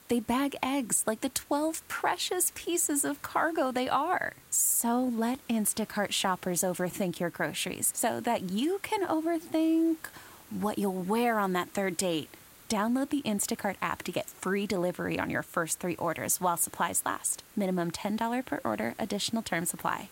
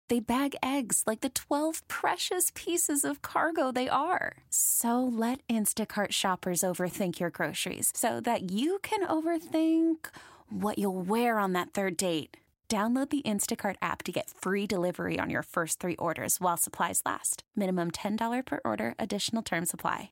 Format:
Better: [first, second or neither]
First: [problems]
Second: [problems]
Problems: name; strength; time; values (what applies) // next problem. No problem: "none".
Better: second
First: hiss; faint; throughout; 25 dB below the speech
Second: none